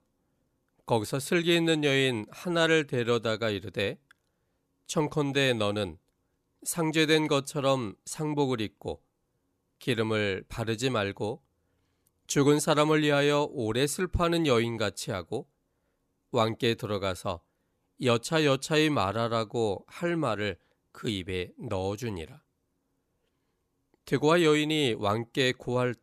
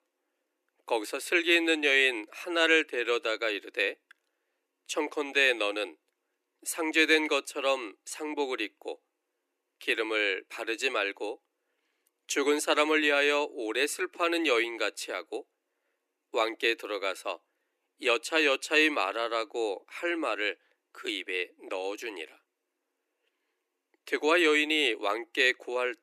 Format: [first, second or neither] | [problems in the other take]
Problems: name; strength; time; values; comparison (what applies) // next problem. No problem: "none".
first | thin; somewhat; fading below 300 Hz